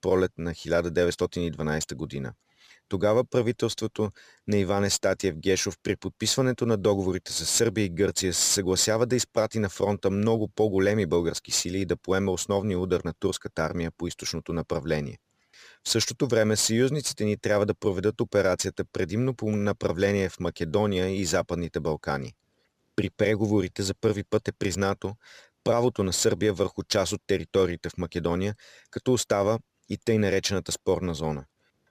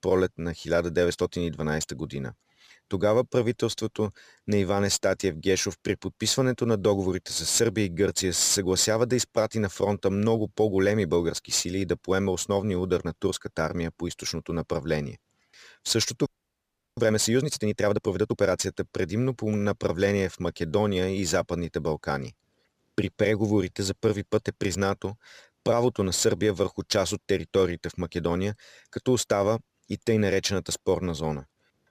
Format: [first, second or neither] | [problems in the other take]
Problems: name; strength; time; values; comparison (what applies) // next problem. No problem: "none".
first | audio freezing; at 16 s for 0.5 s